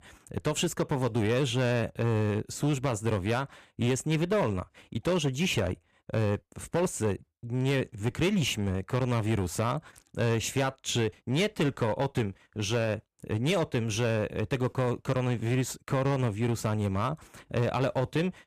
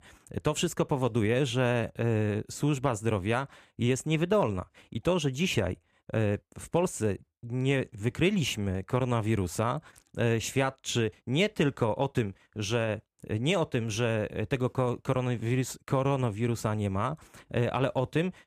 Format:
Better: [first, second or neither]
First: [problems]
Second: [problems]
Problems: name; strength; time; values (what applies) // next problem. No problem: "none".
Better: second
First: distortion; slight; 8% of the sound clipped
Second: none